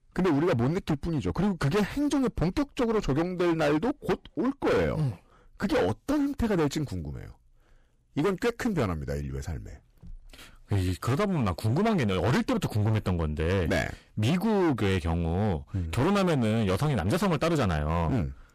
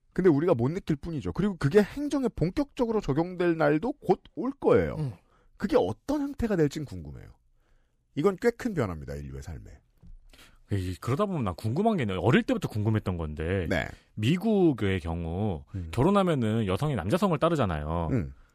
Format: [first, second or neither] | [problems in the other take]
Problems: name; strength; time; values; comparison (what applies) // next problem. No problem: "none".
second | distortion; heavy; 18% of the sound clipped